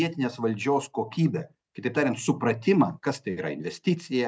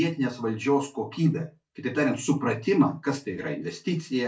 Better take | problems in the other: first | room echo; dies away in 0.2 s

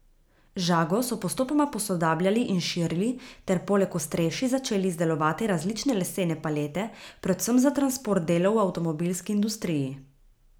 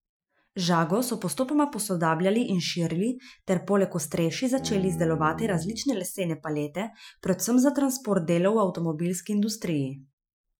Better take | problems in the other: first | noise reduction (classical method Wiener filter)

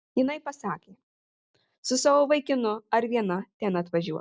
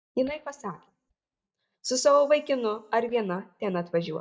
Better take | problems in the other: first | noise reduction (neural mask model DeepFilterNet 3)

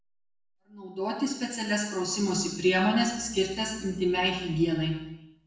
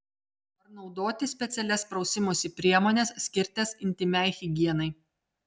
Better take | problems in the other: second | background sound (Bowed string instrument); 20 dB below the speech // room echo; dies away in 0.9 s

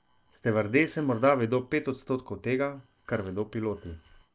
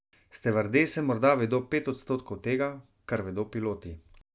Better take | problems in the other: second | noise reduction (neural separator model SepFormer DNS4)

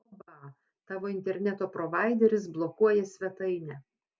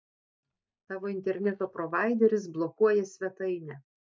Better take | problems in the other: first | noise reduction (neural mask model DeepFilterNet 3)

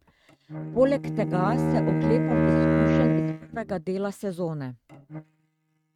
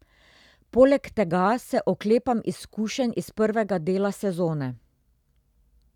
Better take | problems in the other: second | noise reduction (neural mask model RNNoise)

